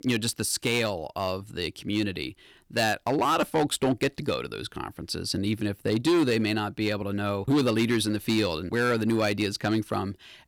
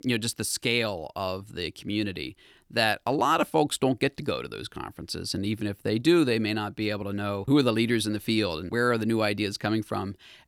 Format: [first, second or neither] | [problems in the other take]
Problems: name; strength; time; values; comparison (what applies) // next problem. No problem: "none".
second | distortion; slight; 5% of the sound clipped